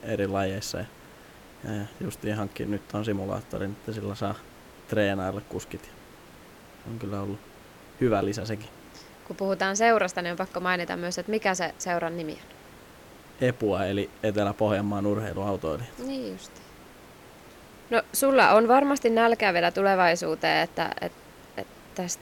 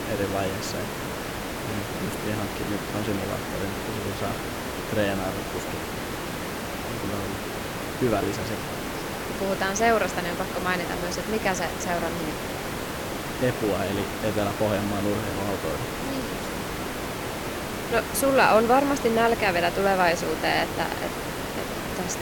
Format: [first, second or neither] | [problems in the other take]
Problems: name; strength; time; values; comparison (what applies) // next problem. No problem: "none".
first | hiss; loud; throughout; 4 dB below the speech; faint in the first